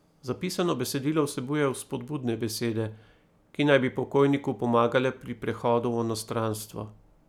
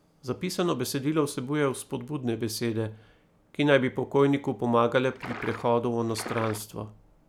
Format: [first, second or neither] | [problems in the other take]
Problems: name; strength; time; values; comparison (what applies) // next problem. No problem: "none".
first | background sound (Liquid); 11 dB below the speech